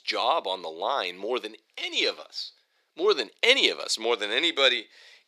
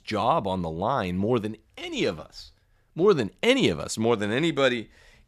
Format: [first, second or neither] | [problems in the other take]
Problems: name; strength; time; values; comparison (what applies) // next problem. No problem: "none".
second | thin; very; fading below 350 Hz